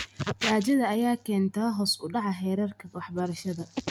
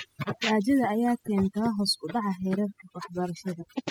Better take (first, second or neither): first